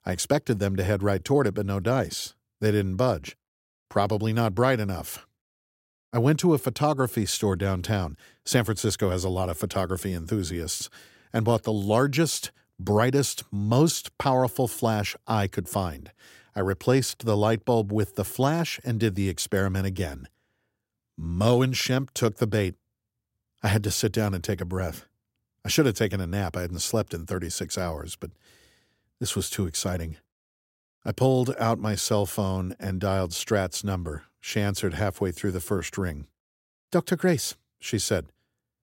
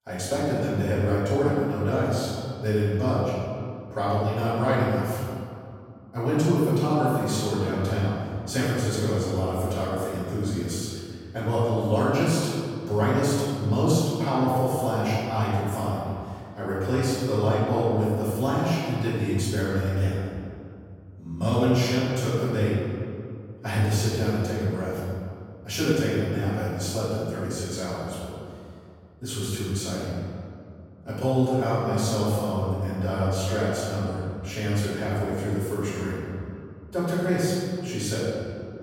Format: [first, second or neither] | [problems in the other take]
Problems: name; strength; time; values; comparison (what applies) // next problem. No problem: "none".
first | room echo; strong; dies away in 2.2 s // off-mic speech; far